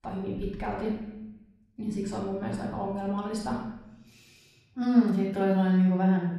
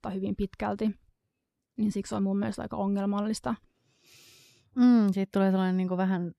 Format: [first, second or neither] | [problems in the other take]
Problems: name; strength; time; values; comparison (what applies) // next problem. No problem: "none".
second | room echo; noticeable; dies away in 1 s // off-mic speech; far